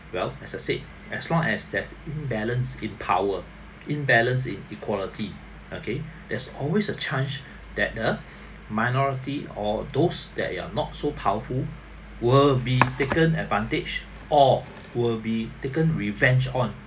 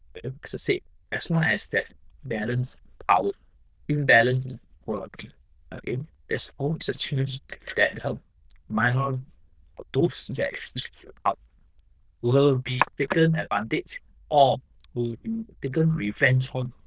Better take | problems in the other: first | noise reduction (neural diffusion model UNIVERSE++)

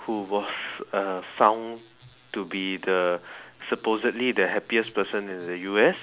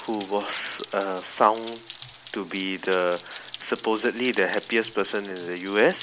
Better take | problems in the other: first | background sound (Rain); 18 dB below the speech

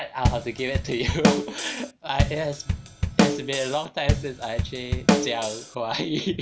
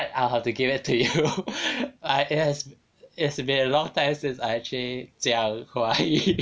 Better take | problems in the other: second | background sound (Drum kit); 4 dB above the speech

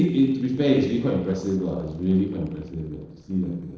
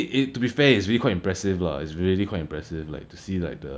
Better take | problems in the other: second | noise reduction (neural separator model SepFormer DNS4)

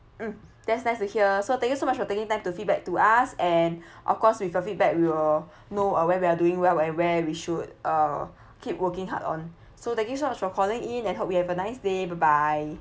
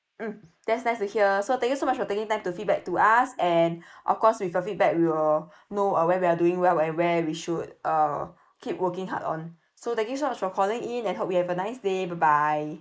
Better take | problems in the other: first | noise reduction (neural mask model Resemble Enhance denoiser)

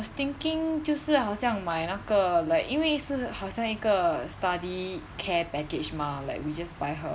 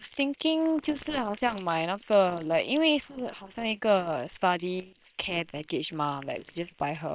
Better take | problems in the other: first | noise reduction (neural separator model SepFormer WHAM!)

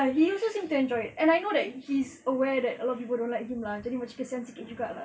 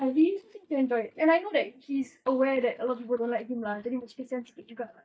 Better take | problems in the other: first | noise reduction (neural mask model DeepFilterNet 3)

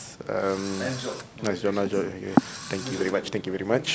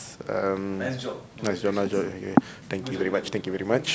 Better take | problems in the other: second | background sound (Engine / Drill); 16 dB below the speech

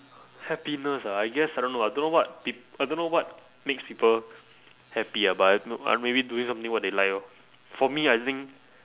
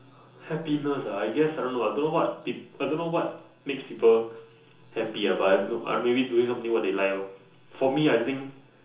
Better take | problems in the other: first | room echo; dies away in 0.7 s

